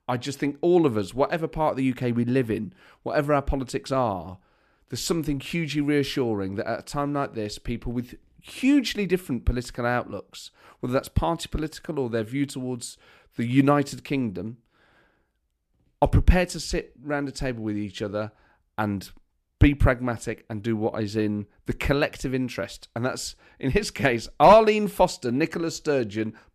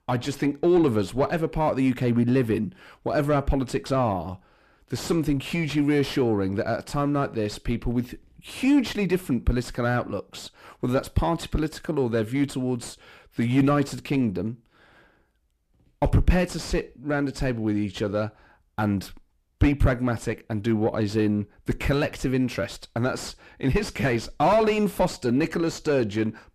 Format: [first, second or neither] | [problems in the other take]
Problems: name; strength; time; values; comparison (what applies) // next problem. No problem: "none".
first | distortion; heavy; 7 dB below the speech